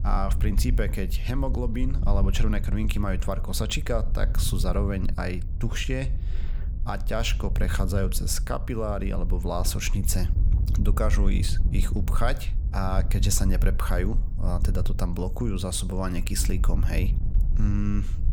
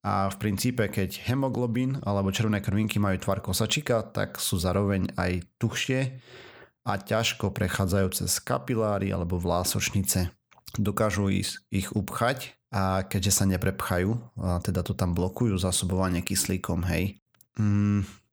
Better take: second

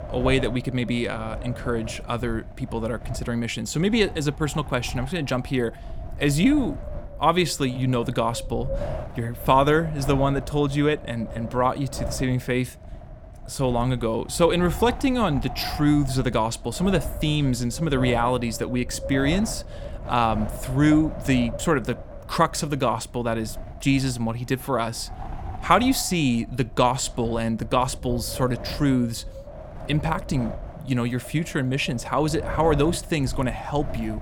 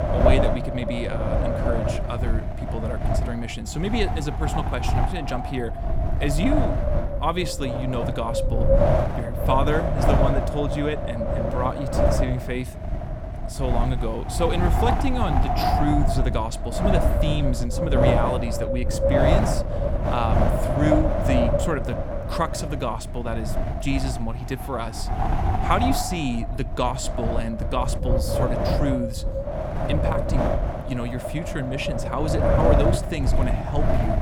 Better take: first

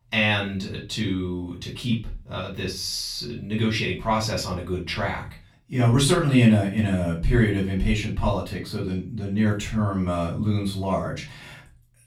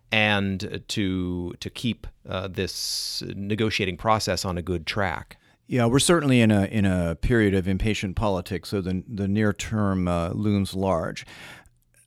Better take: second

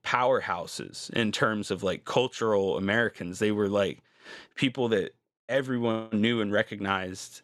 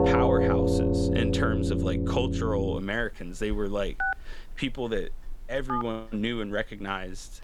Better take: first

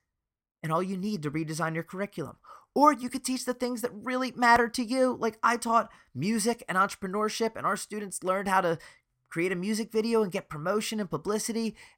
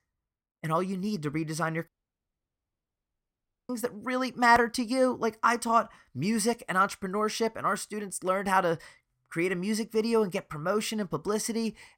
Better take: first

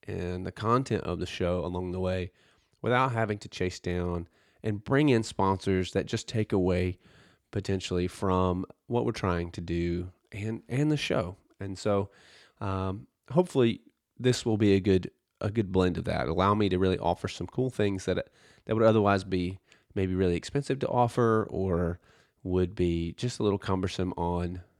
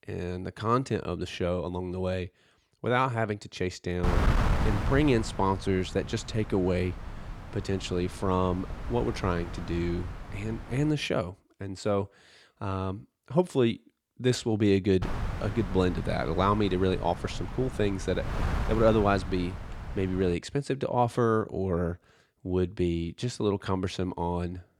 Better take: first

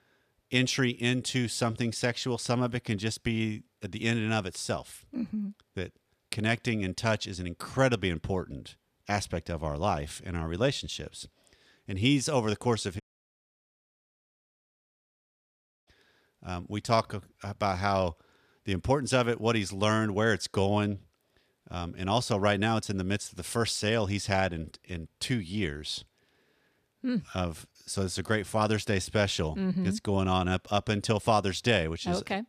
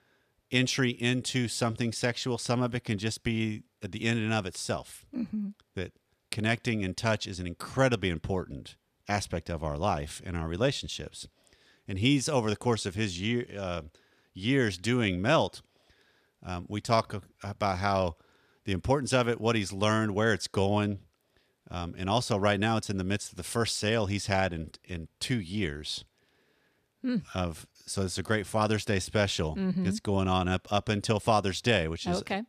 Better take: second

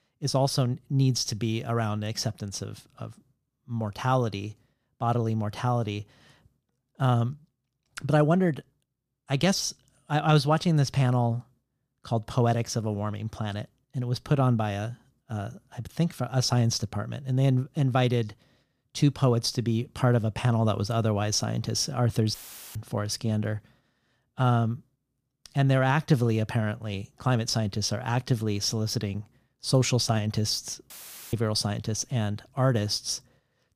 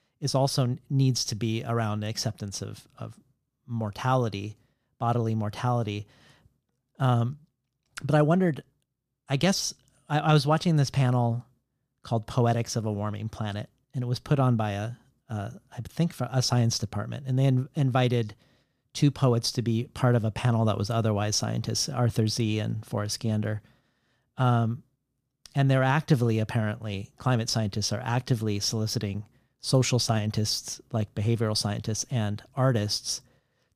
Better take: second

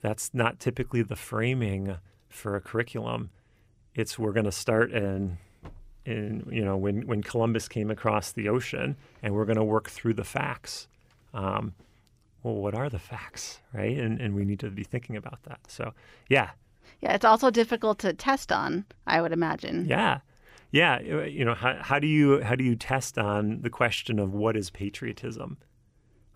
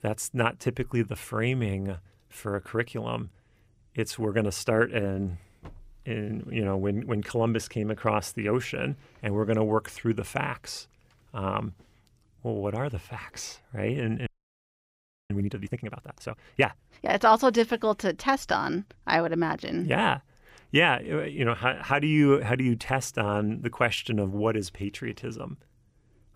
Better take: first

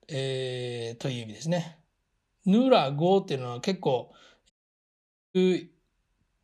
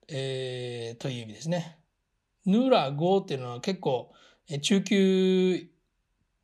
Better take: second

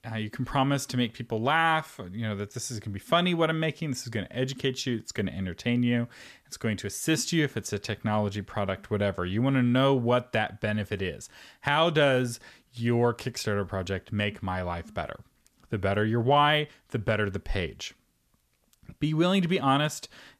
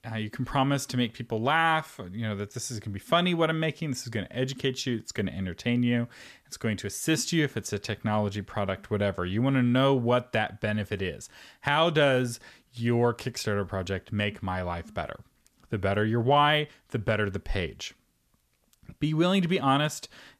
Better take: neither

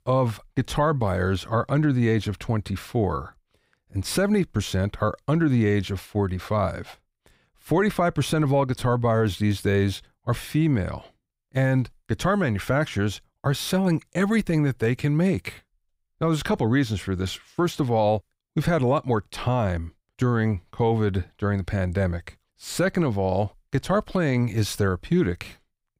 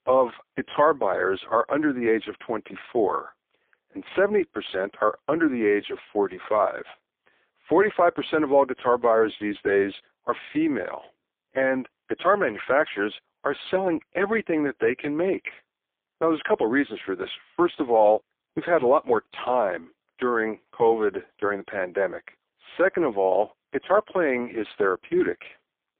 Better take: first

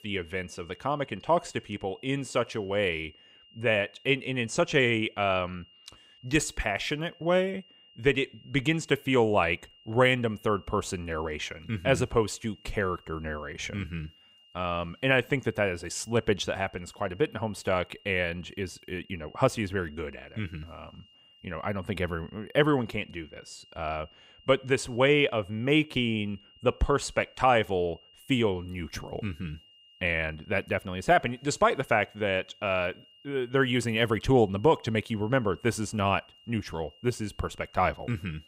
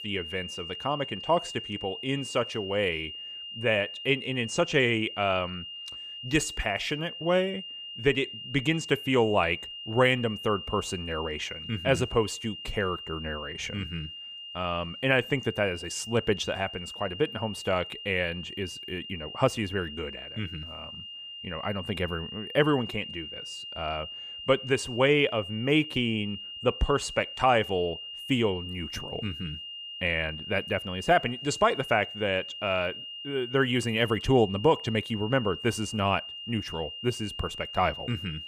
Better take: first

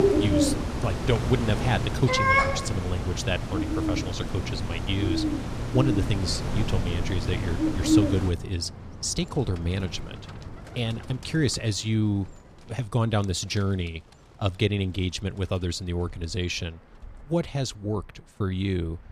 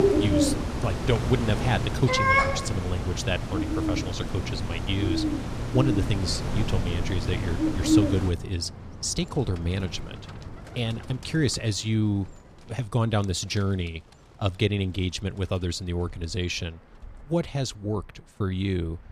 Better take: neither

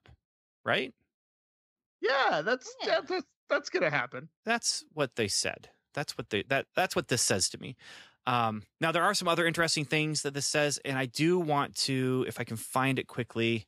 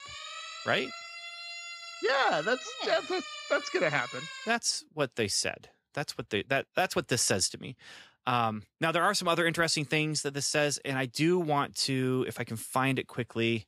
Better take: first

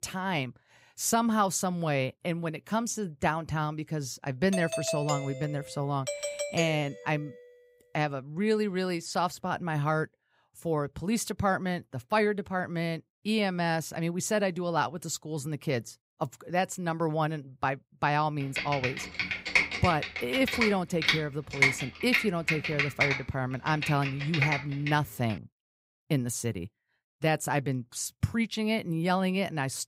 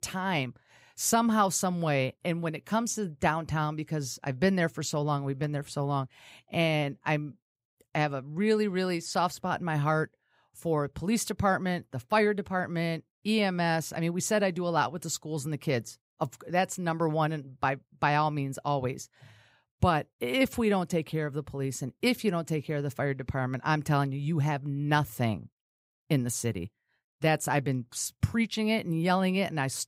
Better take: second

